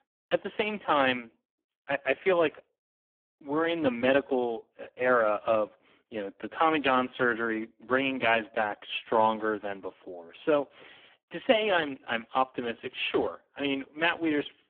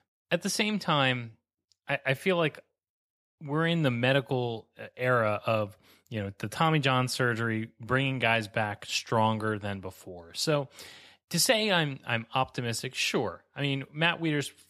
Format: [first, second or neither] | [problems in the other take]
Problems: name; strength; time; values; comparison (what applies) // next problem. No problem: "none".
second | phone-call audio; poor line